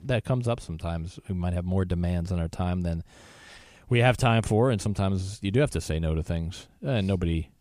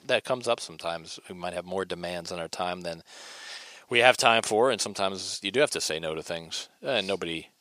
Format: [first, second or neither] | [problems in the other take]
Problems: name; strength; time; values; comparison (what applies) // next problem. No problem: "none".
first | thin; very; fading below 500 Hz